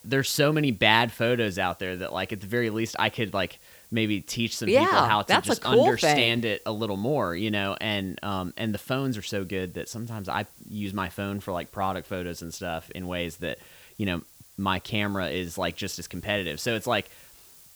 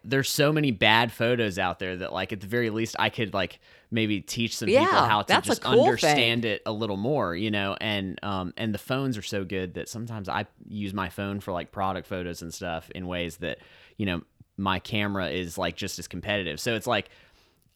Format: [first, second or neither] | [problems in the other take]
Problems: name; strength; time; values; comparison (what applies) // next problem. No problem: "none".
second | hiss; faint; throughout; 25 dB below the speech